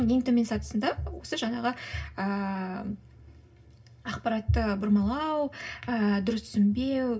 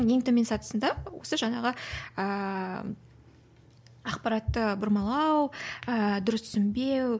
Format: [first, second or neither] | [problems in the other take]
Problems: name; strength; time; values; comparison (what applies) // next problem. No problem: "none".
second | room echo; dies away in 0.4 s